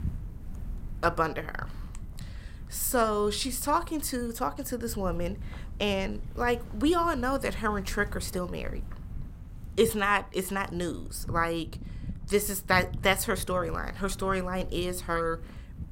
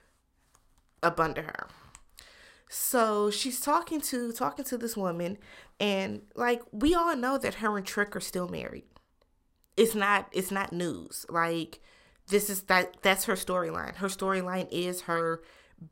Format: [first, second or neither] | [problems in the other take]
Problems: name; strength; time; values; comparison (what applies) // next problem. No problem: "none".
second | wind noise on the microphone; occasional gusts; 25 dB below the speech